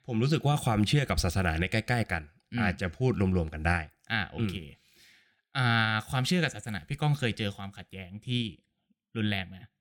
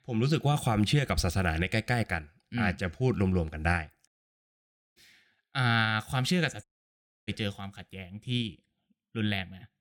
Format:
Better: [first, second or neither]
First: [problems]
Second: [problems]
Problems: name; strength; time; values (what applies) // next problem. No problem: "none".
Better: first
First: none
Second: audio cutting out; at 4 s for 1 s and at 6.5 s for 0.5 s